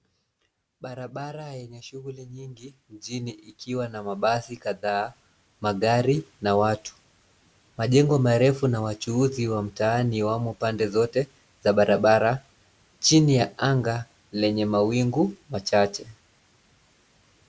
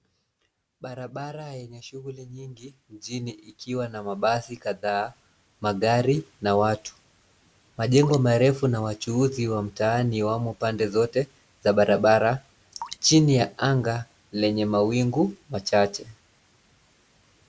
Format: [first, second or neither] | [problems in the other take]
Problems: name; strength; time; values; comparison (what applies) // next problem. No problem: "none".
first | background sound (Drip); 20 dB below the speech